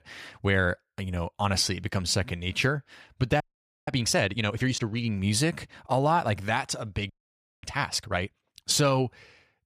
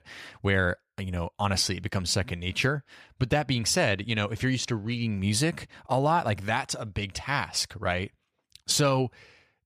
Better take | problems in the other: second | audio freezing; at 3.5 s and at 7 s for 0.5 s

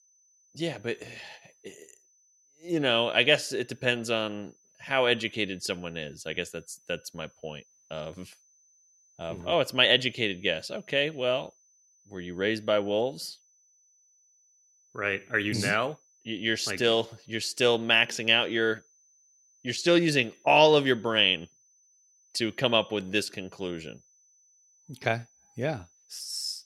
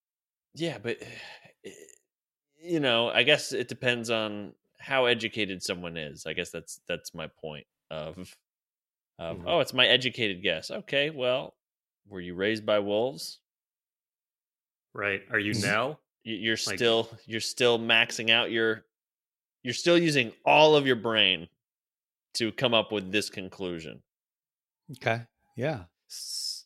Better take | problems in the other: second | high-pitched whine; faint; throughout; 6 kHz, 35 dB below the speech

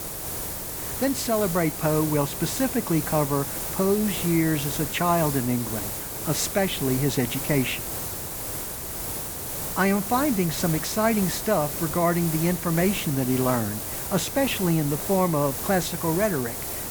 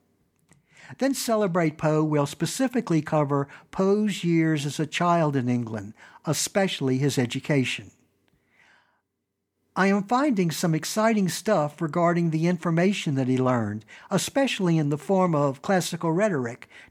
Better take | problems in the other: second | hiss; loud; throughout; 4 dB below the speech

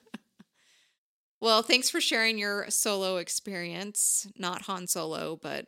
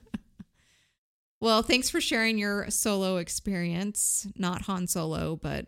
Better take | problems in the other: second | thin; somewhat; fading below 350 Hz

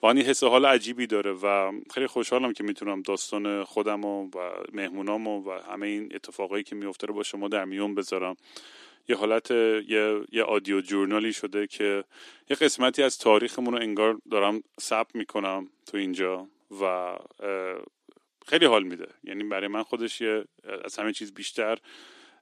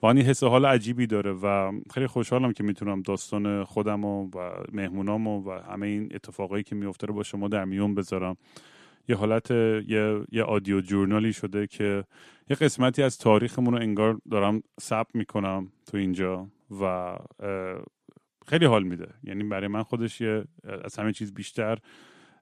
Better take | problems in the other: second | thin; very slightly; fading below 300 Hz

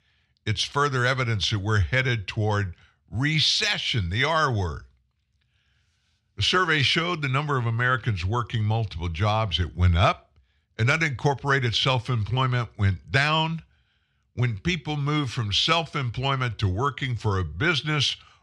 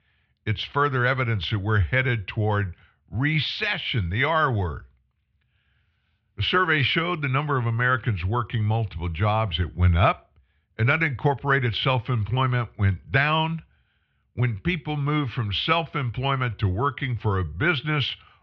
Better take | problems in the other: first | muffled; slightly; fading above 3 kHz

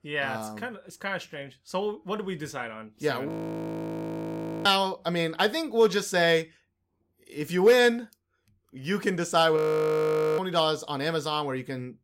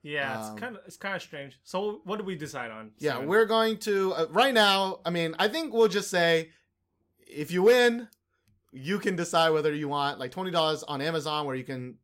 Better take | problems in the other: second | audio freezing; at 3.5 s for 1.5 s and at 9.5 s for 1 s

